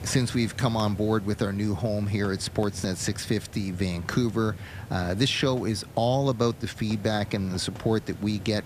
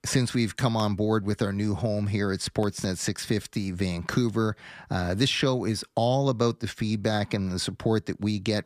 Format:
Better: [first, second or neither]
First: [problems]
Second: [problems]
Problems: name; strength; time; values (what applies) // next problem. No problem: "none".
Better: second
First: hiss; noticeable; throughout; 15 dB below the speech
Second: none